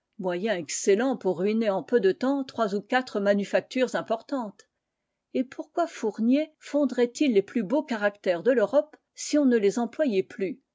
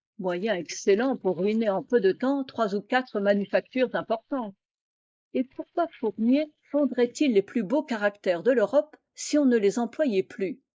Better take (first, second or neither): first